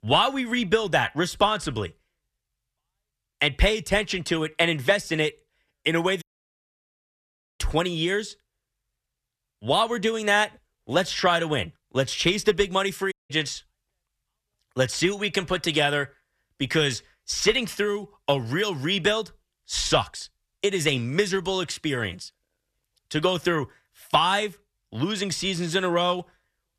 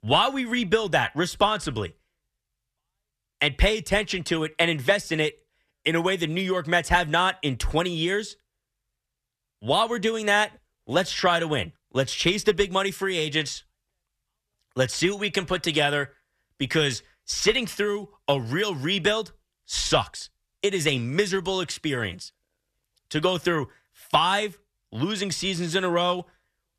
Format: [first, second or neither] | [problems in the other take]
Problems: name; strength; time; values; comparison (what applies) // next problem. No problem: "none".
second | audio cutting out; at 6 s for 1.5 s and at 13 s